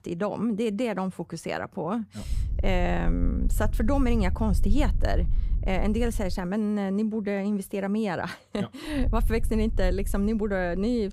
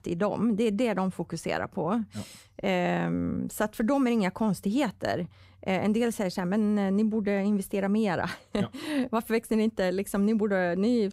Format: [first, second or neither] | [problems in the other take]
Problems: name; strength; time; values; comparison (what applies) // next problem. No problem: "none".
second | low rumble; noticeable; from 2.5 to 6.5 s and from 9 s on; 20 dB below the speech